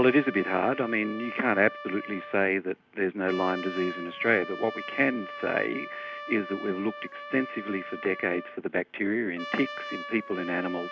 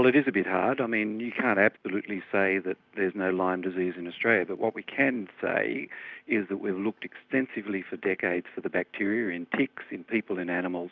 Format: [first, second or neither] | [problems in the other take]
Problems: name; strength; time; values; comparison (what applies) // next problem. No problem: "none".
second | background sound (Trumpet); 12 dB below the speech